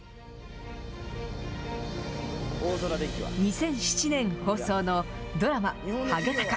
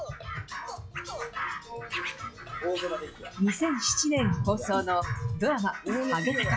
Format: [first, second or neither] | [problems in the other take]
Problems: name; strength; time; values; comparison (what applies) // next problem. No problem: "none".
first | noise reduction (classical method log-MMSE)